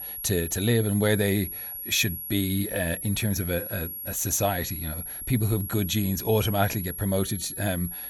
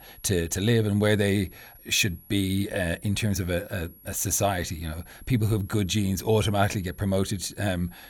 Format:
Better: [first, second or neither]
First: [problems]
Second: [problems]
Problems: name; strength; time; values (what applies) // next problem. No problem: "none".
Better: second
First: high-pitched whine; loud; throughout; 11.5 kHz, 7 dB below the speech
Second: high-pitched whine; faint; throughout; 11.5 kHz, 25 dB below the speech